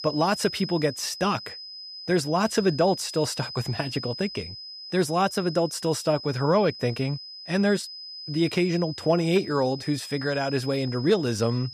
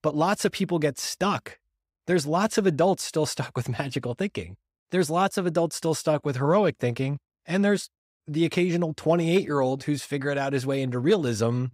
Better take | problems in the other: second | high-pitched whine; noticeable; throughout; 5 kHz, 10 dB below the speech

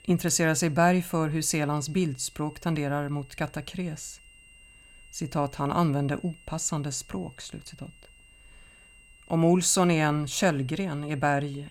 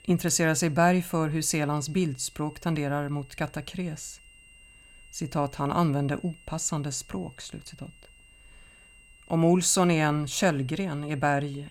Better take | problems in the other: neither | high-pitched whine; faint; throughout; 3 kHz, 25 dB below the speech; the same in both

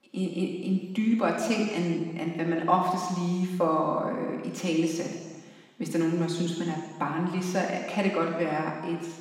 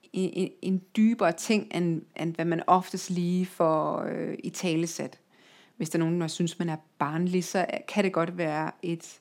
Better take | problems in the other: second | room echo; noticeable; dies away in 1.5 s // off-mic speech; somewhat distant

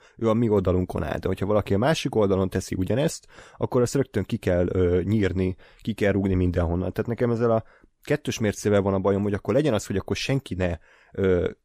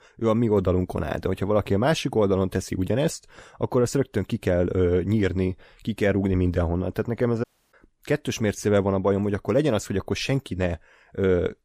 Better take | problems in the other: first | audio cutting out; at 7.5 s

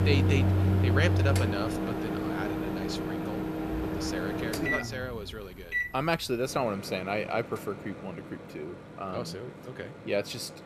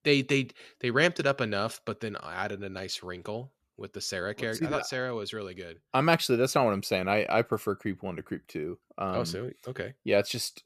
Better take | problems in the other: second | household noises; very loud; throughout; 5 dB above the speech

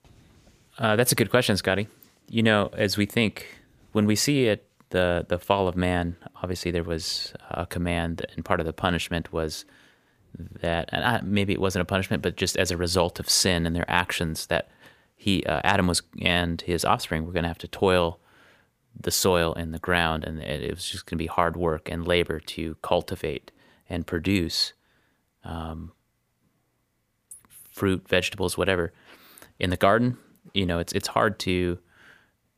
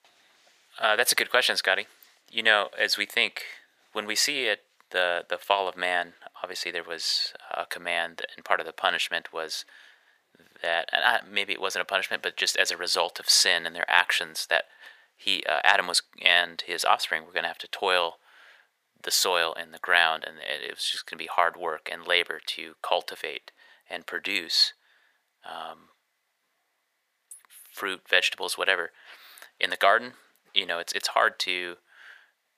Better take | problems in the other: first | thin; very; fading below 700 Hz

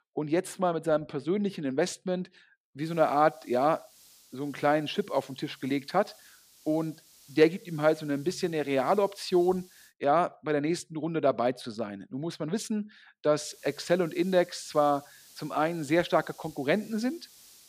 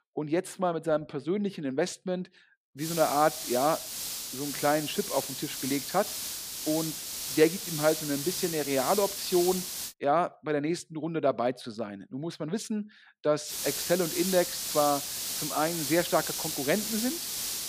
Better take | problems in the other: first | hiss; loud; from 3 to 10 s and from 14 s on; 3 dB below the speech; faint in the first

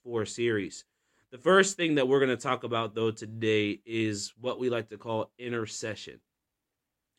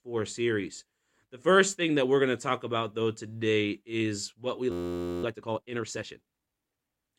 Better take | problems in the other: first | audio freezing; at 4.5 s for 0.5 s

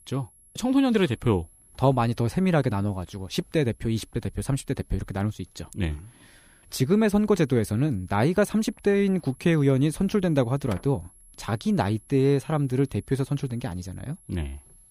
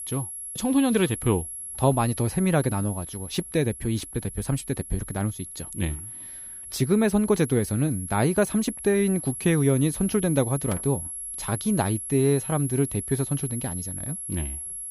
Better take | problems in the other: first | high-pitched whine; loud; throughout; 11 kHz, 8 dB below the speech; faint in the first

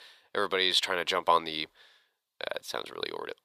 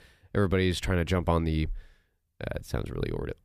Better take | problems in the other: second | thin; very; fading below 650 Hz

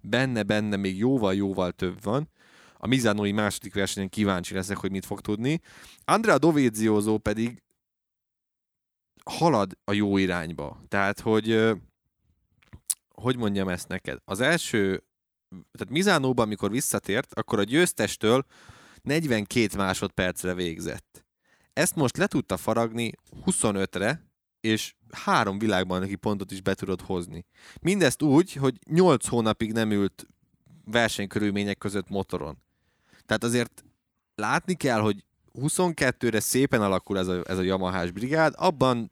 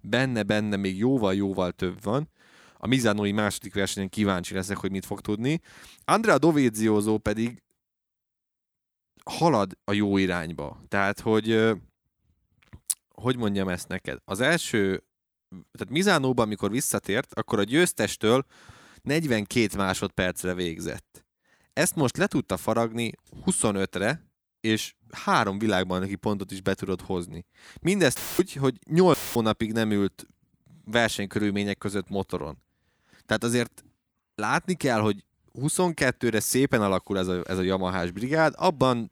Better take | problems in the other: first | audio cutting out; filled with static; at 28 s and at 29 s

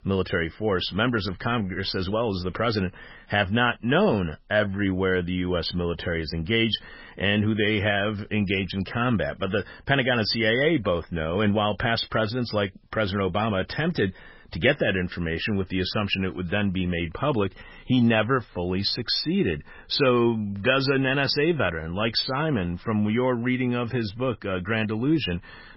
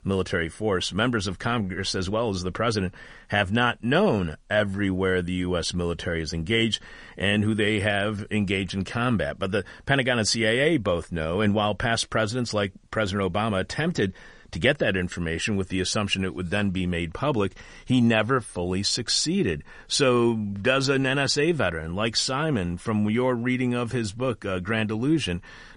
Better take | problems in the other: second | garbled, watery; badly; nothing above 5.5 kHz; slightly in the second

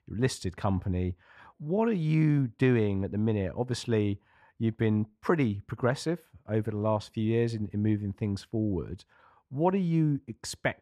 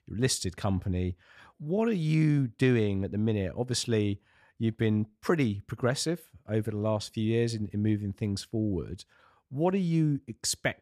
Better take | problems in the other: second | muffled; slightly; fading above 3.5 kHz

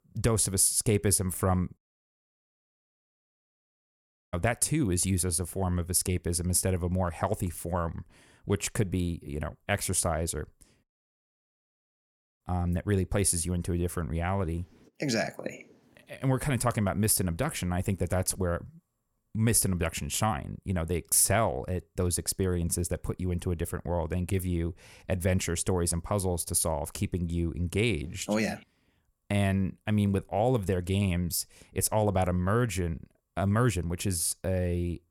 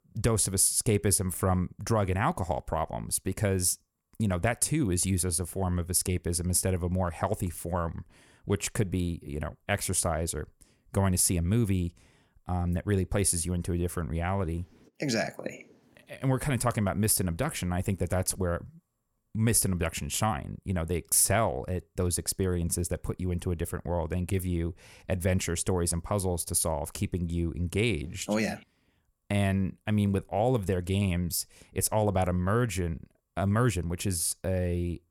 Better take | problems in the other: second | audio cutting out; at 2 s for 2.5 s and at 11 s for 1.5 s

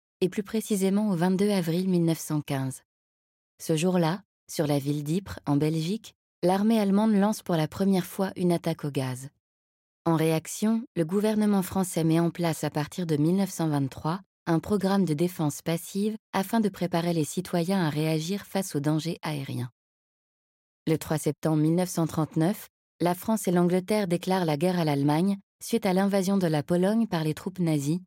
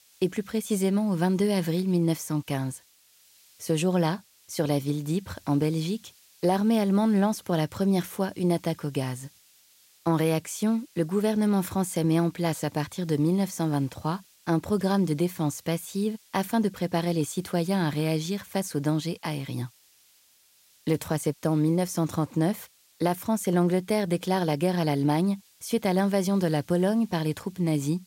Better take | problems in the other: first | hiss; faint; throughout; 30 dB below the speech

